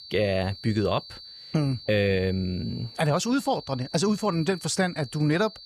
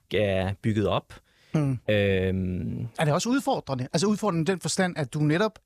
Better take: second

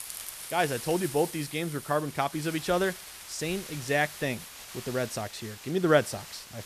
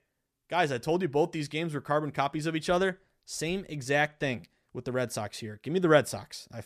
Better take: second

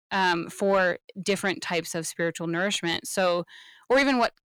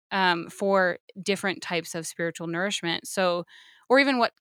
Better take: second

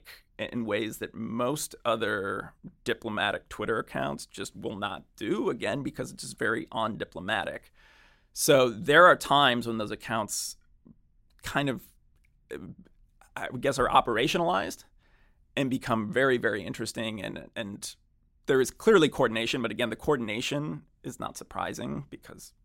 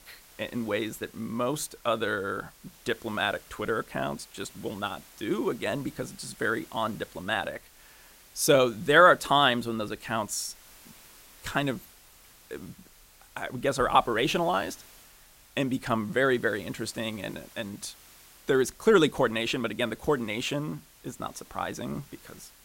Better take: first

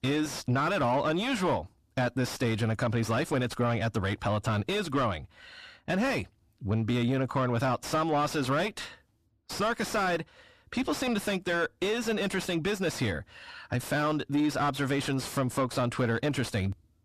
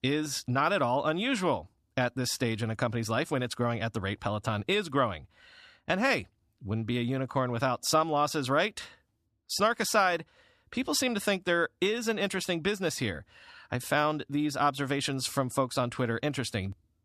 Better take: second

